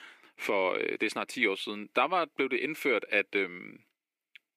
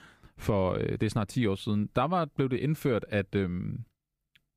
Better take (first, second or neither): second